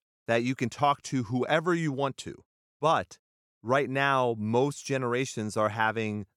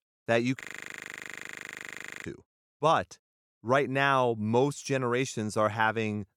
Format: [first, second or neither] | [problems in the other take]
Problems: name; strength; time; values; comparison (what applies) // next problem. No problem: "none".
first | audio freezing; at 0.5 s for 1.5 s